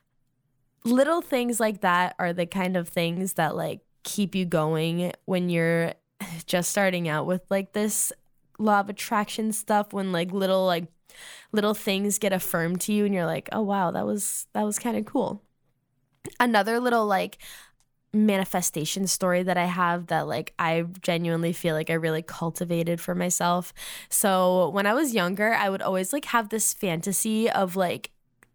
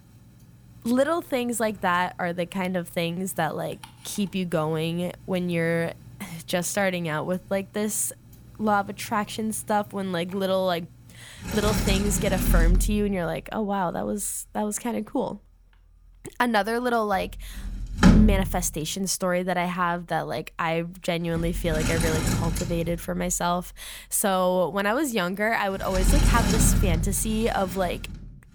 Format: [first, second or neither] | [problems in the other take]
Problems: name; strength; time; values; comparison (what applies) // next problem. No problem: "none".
first | household noises; very loud; throughout; as loud as the speech